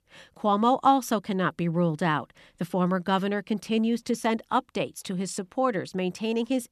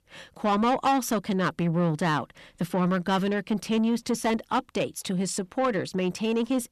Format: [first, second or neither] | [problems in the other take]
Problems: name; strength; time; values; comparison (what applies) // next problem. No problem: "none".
first | distortion; slight; 10 dB below the speech